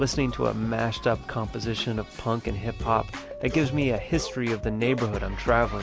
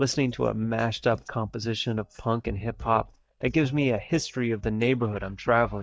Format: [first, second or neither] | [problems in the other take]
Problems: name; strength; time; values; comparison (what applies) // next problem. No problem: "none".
first | noise reduction (neural mask model DeepFilterNet 3)